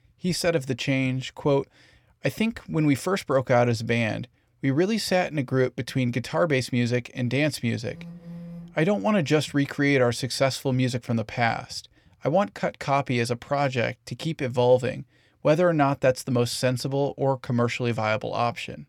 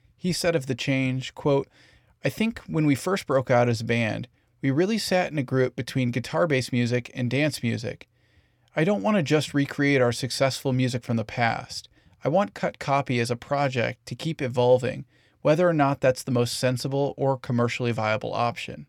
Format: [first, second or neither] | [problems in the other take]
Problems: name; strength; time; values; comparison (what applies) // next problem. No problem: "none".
second | phone ringing; faint; at 8 s; peak 15 dB below the speech